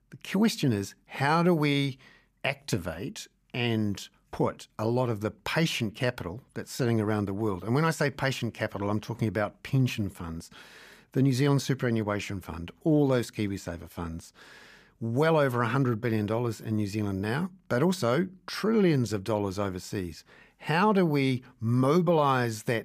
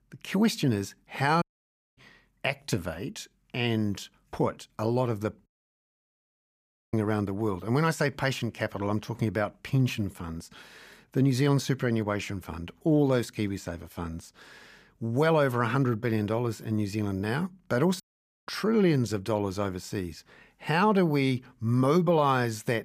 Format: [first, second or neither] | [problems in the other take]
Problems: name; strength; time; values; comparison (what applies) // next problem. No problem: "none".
first | audio cutting out; at 1.5 s for 0.5 s, at 5.5 s for 1.5 s and at 18 s